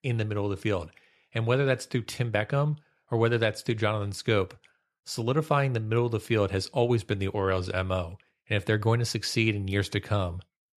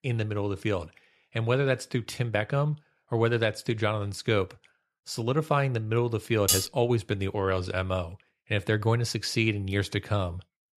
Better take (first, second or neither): first